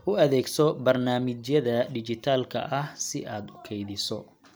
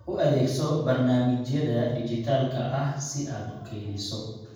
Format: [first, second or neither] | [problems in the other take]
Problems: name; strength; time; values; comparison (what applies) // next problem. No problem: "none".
first | room echo; dies away in 1.2 s